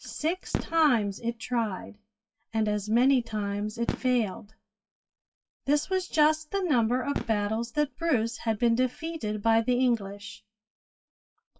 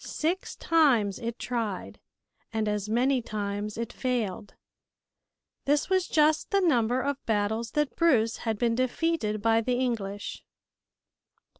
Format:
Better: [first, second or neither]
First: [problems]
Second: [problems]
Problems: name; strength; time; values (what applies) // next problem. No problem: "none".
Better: second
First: noise reduction (classical method WPE with log-MMSE)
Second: none